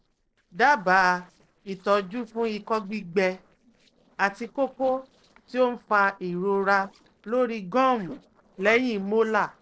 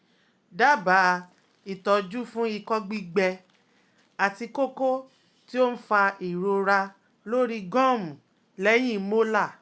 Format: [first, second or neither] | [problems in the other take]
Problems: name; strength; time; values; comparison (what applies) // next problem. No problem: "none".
second | noise reduction (neural separator model SepFormer DNS4)